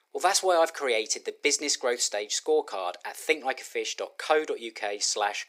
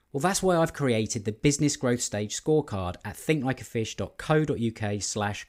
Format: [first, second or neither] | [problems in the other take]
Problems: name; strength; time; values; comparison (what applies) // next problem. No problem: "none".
second | thin; very; fading below 400 Hz